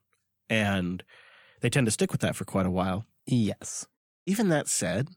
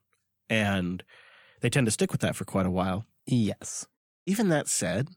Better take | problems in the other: neither | none

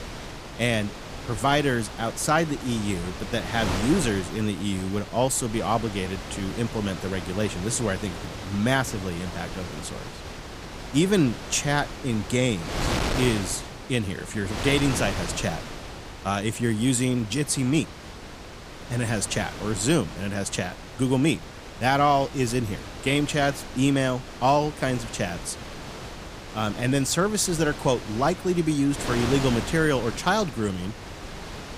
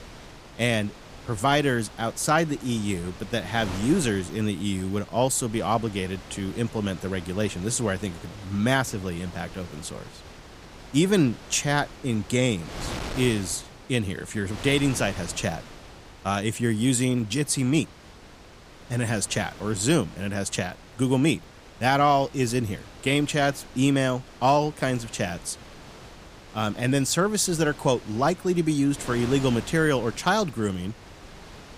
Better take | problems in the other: second | wind noise on the microphone; heavy; 9 dB below the speech; occasional gusts in the second

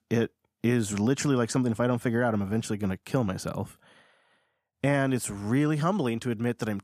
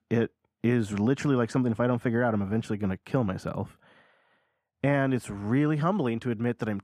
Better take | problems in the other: first | muffled; slightly; fading above 4 kHz

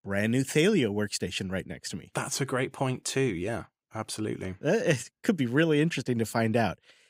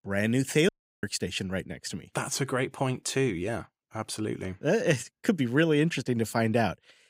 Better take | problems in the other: first | audio cutting out; at 0.5 s

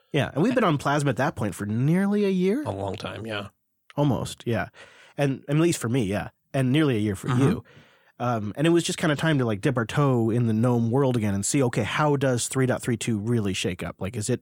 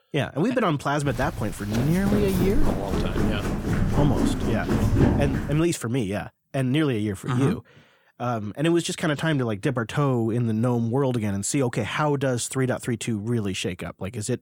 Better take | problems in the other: first | footsteps; loud; from 1 to 5.5 s; peak 5 dB above the speech

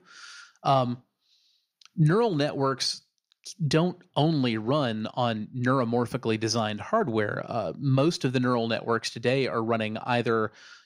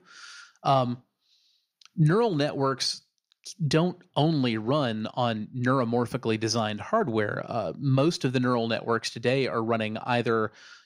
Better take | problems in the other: neither | none

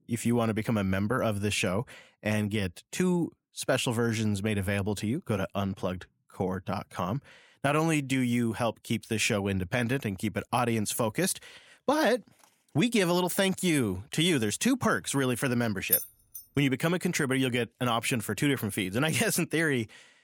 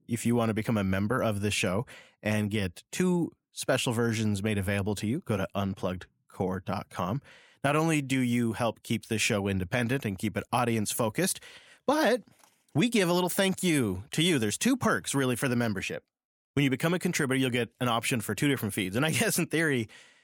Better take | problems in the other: second | jangling keys; loud; at 16 s; peak 2 dB above the speech

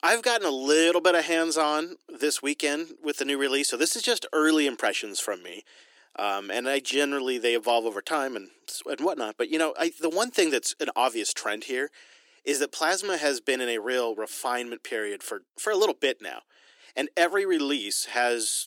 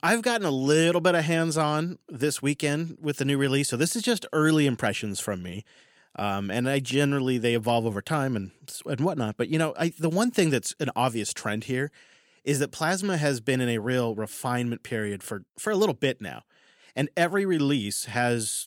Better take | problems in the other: second | thin; somewhat; fading below 300 Hz

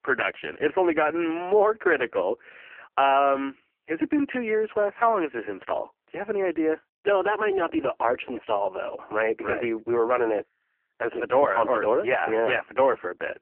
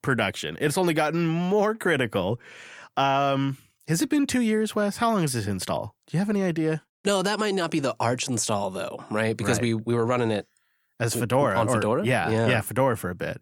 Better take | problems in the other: second | phone-call audio; poor line; nothing above 3 kHz

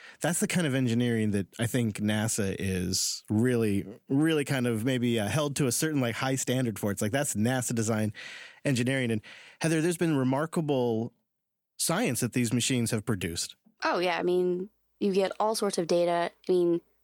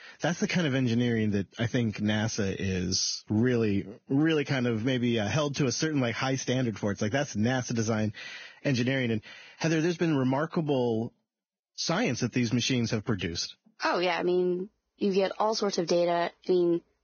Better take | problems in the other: first | garbled, watery; badly; nothing above 6.5 kHz

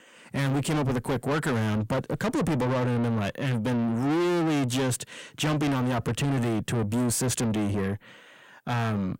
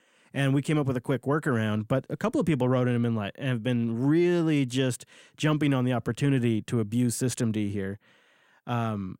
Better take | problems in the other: second | distortion; heavy; 6 dB below the speech

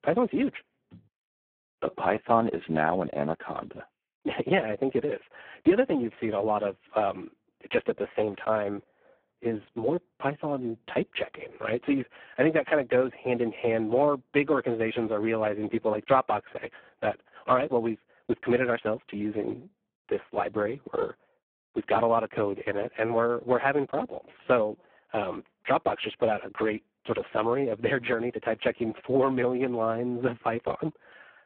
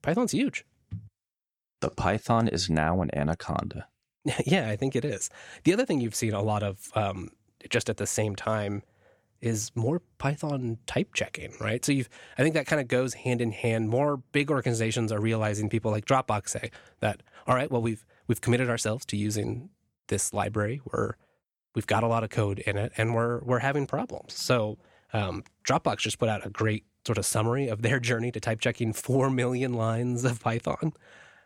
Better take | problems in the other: second | phone-call audio; poor line

